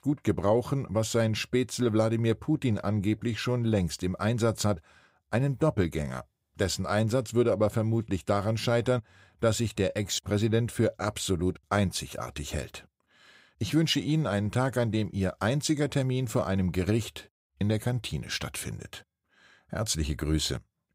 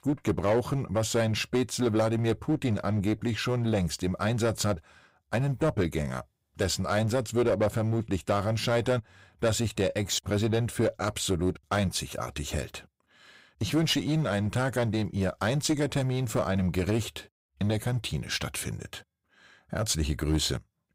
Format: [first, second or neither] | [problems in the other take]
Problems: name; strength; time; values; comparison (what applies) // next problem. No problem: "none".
first | distortion; slight; 8% of the sound clipped